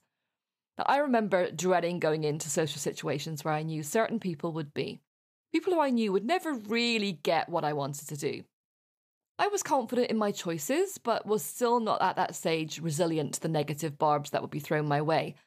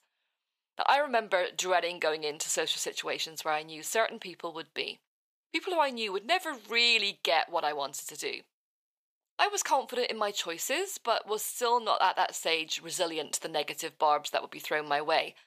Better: first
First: none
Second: thin; very; fading below 600 Hz

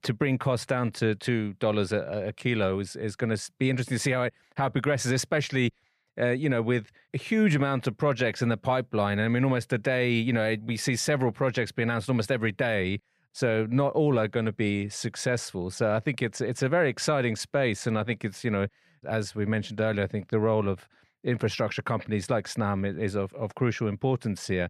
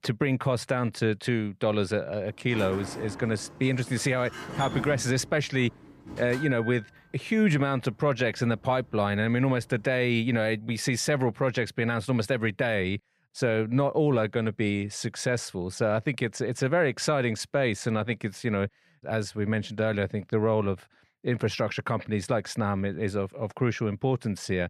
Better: first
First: none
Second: door banging; noticeable; from 2.5 to 7 s; peak 7 dB below the speech

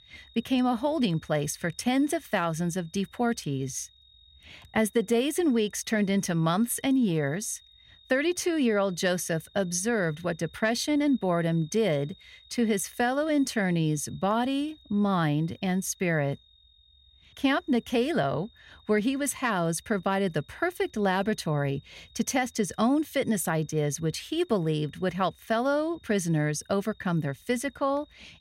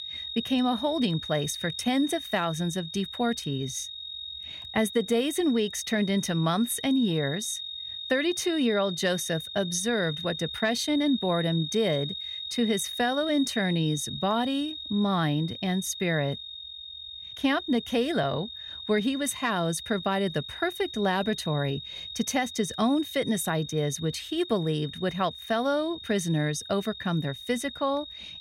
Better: first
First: high-pitched whine; faint; throughout; 3.5 kHz, 30 dB below the speech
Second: high-pitched whine; loud; throughout; 3.5 kHz, 8 dB below the speech

